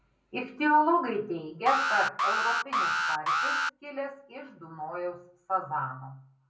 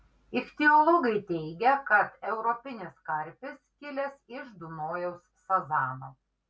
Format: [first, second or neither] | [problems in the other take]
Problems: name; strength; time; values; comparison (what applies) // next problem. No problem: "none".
second | background sound (Alarm); 1 dB above the speech // room echo; dies away in 0.5 s